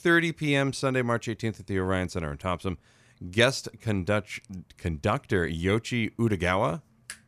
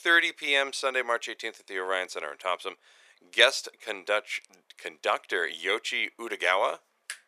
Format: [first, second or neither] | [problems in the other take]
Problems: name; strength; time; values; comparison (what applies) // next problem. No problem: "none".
first | thin; very; fading below 450 Hz